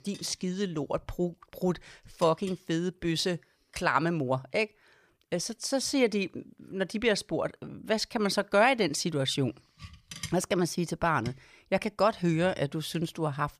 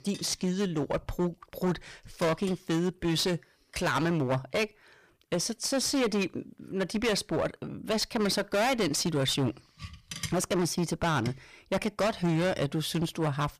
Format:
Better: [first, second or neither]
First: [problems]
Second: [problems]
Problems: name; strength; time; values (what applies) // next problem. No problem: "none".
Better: first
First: none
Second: distortion; heavy; 14% of the sound clipped